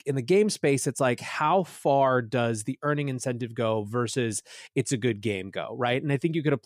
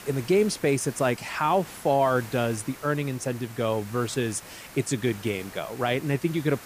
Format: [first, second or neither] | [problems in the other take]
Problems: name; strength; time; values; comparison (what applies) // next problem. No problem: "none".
first | hiss; noticeable; throughout; 15 dB below the speech